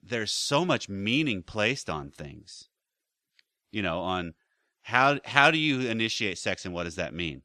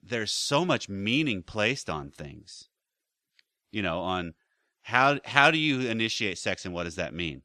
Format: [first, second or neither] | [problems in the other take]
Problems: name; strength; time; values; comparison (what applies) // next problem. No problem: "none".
neither | none